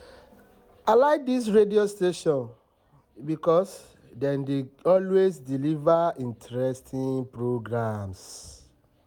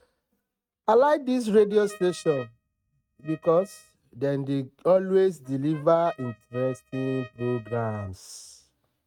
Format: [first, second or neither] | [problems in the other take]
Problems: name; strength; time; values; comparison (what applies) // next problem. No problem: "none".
first | noise reduction (neural mask model RNNoise)